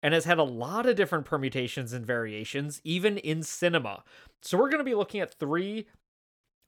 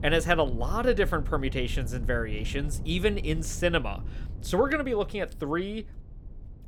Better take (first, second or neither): first